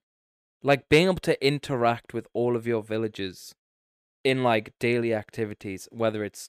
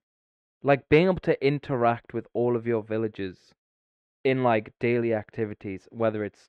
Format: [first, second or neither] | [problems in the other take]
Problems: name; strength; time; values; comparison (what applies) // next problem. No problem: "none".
first | muffled; slightly; fading above 2 kHz